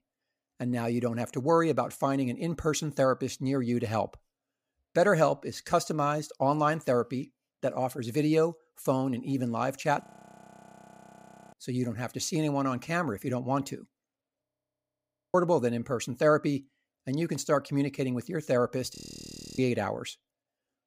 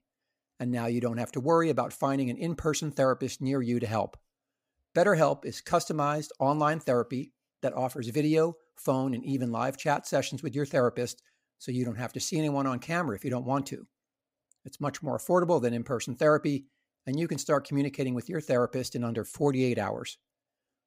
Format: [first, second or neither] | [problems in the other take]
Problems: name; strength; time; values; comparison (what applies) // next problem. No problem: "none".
second | audio freezing; at 10 s for 1.5 s, at 14 s for 1 s and at 19 s for 0.5 s